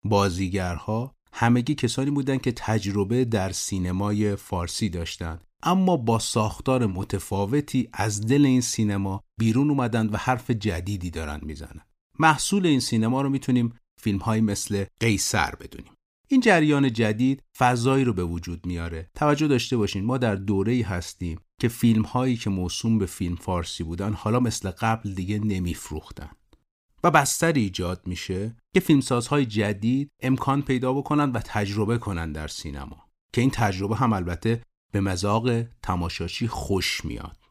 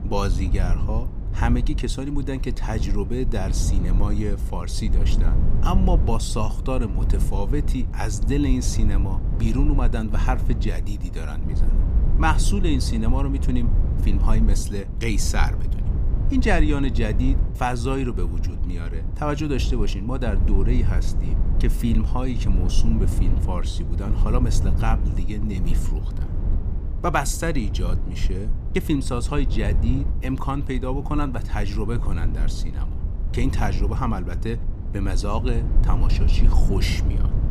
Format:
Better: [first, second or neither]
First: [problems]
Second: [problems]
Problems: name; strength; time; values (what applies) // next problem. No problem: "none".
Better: first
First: none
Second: low rumble; noticeable; throughout; 10 dB below the speech